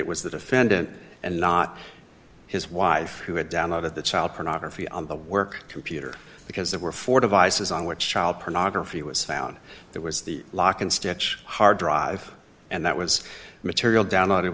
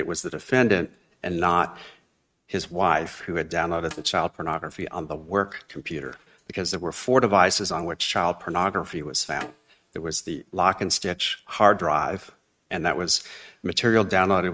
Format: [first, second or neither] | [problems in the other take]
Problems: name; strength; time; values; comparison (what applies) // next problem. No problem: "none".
first | noise reduction (neural mask model RNNoise)